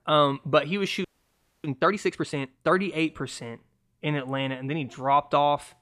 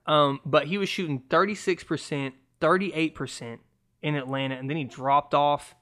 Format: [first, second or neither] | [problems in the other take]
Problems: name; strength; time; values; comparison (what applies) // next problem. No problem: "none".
second | audio freezing; at 1 s for 0.5 s